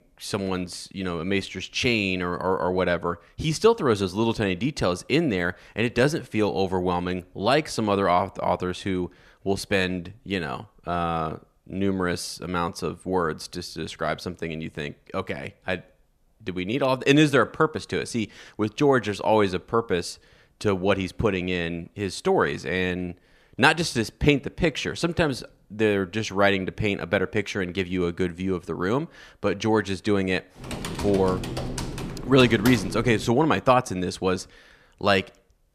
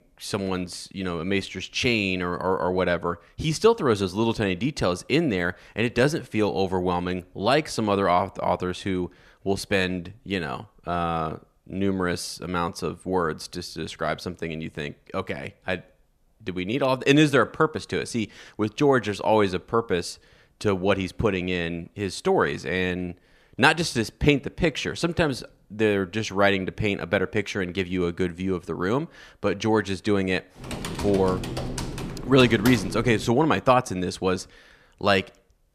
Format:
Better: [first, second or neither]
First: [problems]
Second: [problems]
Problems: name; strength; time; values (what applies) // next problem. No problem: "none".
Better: neither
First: keyboard typing; noticeable; from 31 to 33 s; peak 5 dB below the speech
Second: keyboard typing; noticeable; from 31 to 33 s; peak 5 dB below the speech